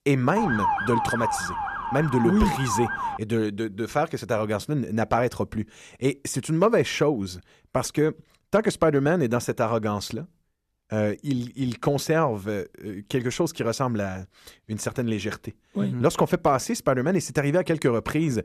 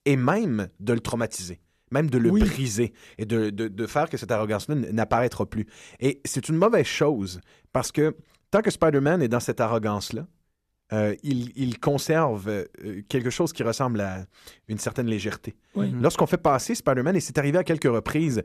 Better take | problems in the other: second | siren; loud; until 3 s; peak 1 dB above the speech

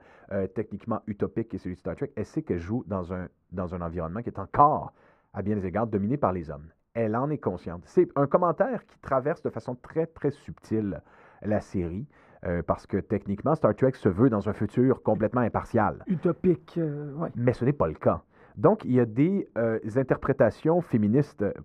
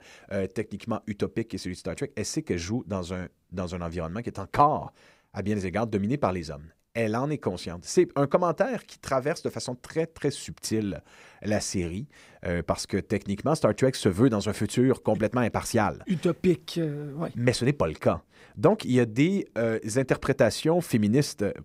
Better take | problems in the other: second | muffled; very; fading above 2.5 kHz

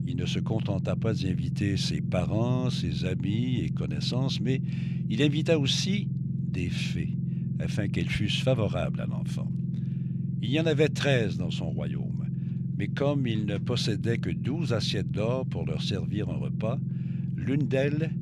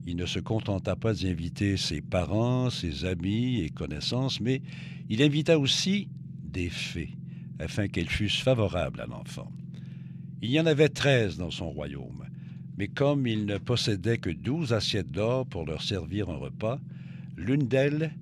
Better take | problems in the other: second | low rumble; loud; throughout; 9 dB below the speech; faint in the second

